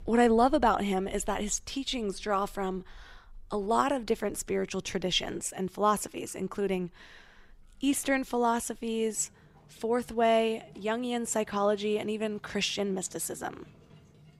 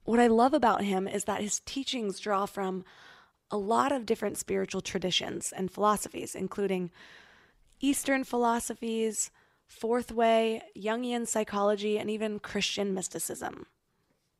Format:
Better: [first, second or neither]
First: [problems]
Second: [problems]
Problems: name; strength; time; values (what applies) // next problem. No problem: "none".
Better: second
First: animal sounds; faint; throughout; 25 dB below the speech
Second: none